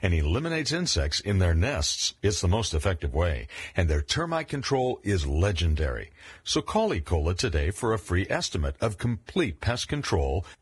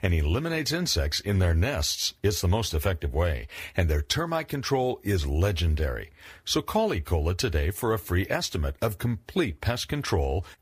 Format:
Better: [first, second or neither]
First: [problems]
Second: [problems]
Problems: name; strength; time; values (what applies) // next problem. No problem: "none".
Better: second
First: garbled, watery; badly; nothing above 11.5 kHz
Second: garbled, watery; slightly; nothing above 15 kHz